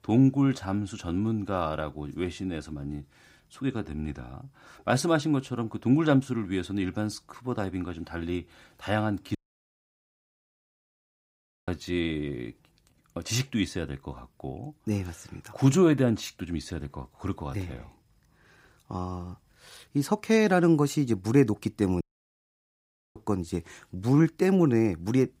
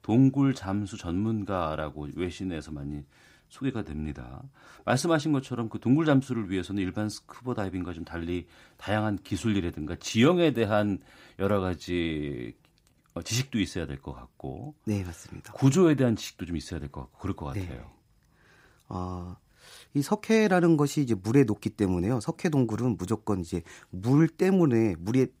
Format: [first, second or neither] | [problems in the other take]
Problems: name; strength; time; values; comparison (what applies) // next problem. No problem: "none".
second | audio cutting out; at 9.5 s for 2.5 s and at 22 s for 1 s